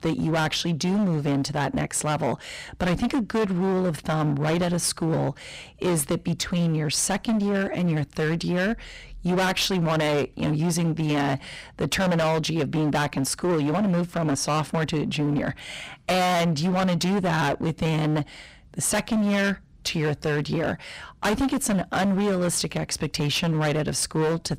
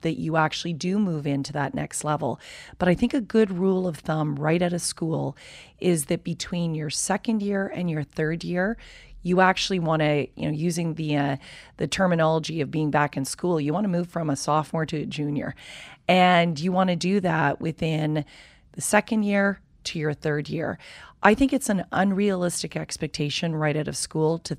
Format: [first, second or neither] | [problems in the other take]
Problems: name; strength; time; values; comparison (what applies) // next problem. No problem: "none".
second | distortion; heavy; 23% of the sound clipped